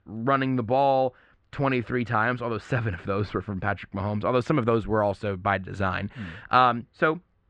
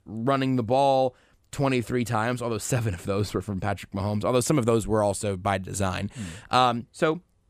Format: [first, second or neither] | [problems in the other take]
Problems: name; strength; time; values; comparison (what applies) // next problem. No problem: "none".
second | muffled; slightly; fading above 3.5 kHz